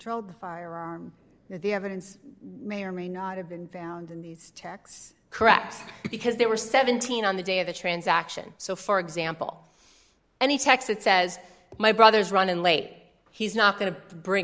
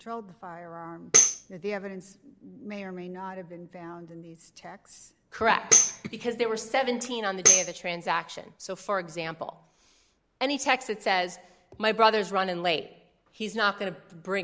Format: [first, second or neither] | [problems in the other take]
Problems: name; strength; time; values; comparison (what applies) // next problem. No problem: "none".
first | background sound (Tambourine); 4 dB above the speech